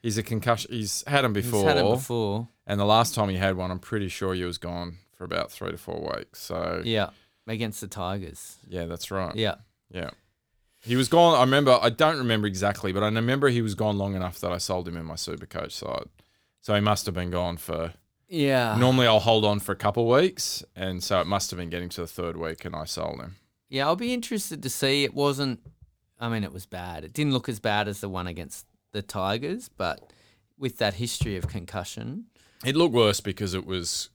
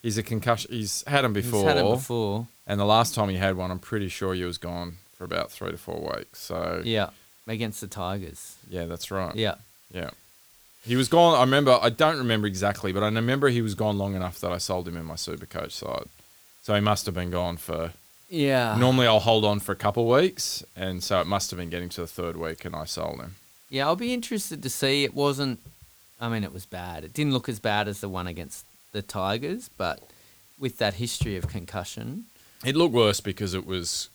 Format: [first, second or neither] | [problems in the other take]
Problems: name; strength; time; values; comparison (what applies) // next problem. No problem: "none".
first | hiss; faint; throughout; 25 dB below the speech